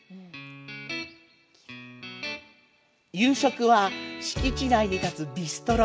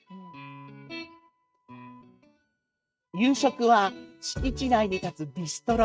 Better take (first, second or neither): first